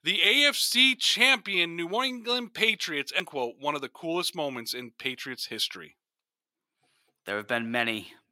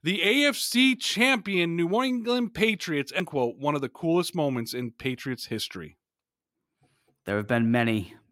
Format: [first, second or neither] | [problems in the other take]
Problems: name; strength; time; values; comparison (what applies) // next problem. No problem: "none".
second | thin; somewhat; fading below 800 Hz